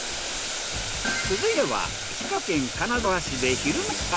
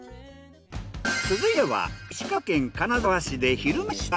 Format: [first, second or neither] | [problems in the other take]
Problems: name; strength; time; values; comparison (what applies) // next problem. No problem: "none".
second | background sound (Boiling); 4 dB below the speech